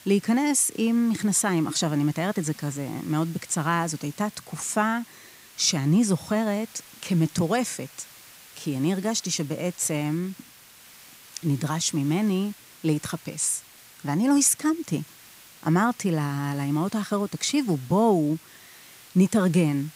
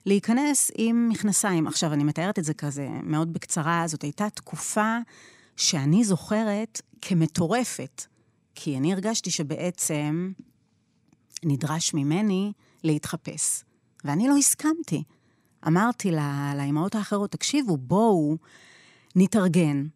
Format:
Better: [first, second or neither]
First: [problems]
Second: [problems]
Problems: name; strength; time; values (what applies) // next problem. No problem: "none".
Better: second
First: hiss; faint; throughout; 20 dB below the speech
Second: none